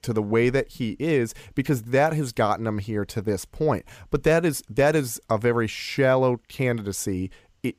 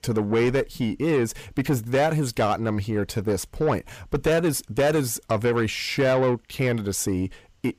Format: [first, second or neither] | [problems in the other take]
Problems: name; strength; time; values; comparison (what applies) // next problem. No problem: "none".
first | distortion; slight; 10 dB below the speech